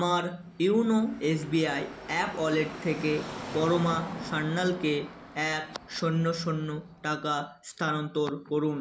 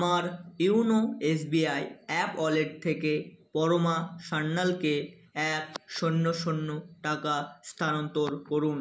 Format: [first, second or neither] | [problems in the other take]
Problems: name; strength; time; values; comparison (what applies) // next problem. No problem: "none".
second | background sound (Car passing by / Traffic noise, roadway noise); 14 dB below the speech